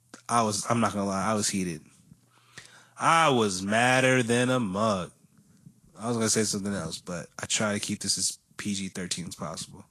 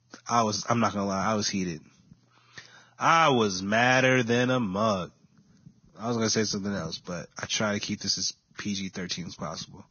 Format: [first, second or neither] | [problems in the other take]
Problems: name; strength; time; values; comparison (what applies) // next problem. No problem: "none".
first | garbled, watery; badly; nothing above 6.5 kHz; slightly in the first